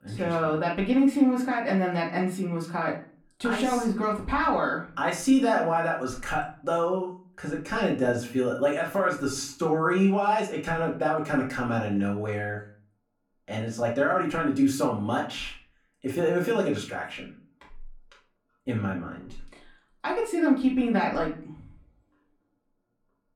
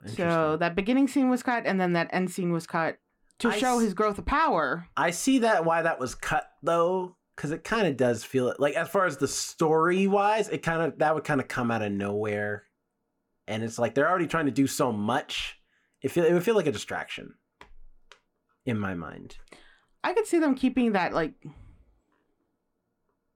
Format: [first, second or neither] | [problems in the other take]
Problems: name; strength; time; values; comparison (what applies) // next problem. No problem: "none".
second | off-mic speech; far // room echo; slight; dies away in 0.3 s